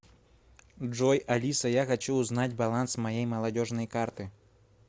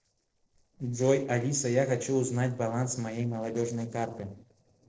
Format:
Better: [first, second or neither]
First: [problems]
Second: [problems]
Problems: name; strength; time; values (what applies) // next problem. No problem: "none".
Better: first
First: none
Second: noise reduction (neural separator model SepFormer DNS4)